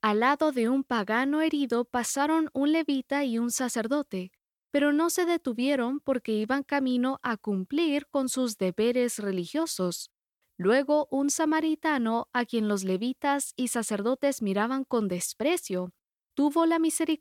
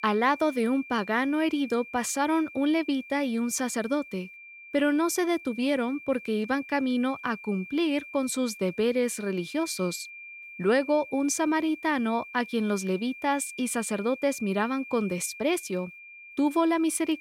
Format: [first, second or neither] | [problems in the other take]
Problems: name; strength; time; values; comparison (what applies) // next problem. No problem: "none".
first | high-pitched whine; noticeable; throughout; 2.5 kHz, 15 dB below the speech